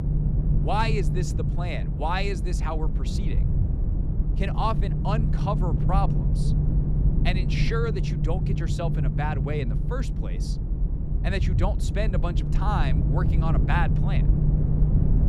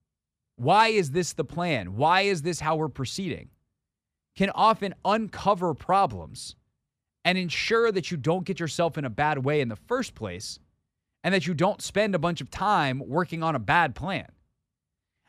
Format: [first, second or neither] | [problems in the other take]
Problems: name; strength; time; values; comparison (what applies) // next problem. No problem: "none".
second | low rumble; loud; throughout; 6 dB below the speech